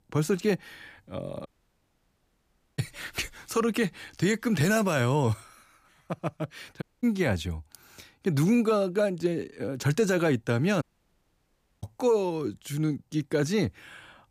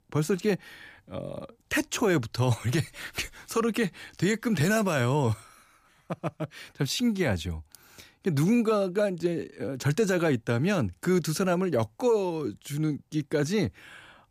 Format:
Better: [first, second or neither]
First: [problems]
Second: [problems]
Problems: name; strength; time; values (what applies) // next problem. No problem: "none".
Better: second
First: audio cutting out; at 1.5 s for 1.5 s, at 7 s and at 11 s for 1 s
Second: none